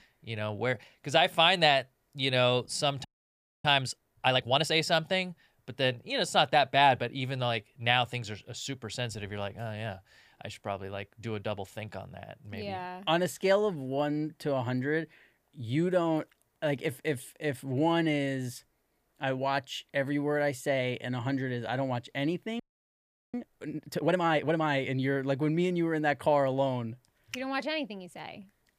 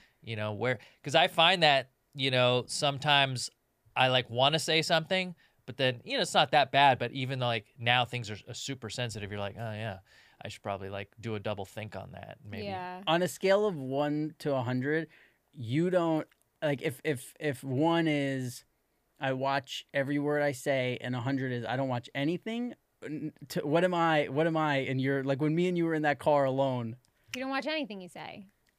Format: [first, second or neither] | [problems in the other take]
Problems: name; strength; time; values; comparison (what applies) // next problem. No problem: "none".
second | audio freezing; at 3 s for 0.5 s and at 23 s for 0.5 s